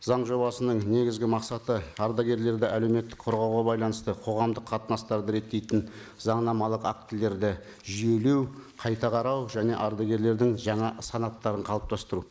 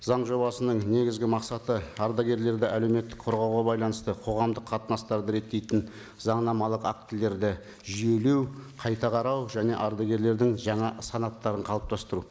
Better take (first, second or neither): second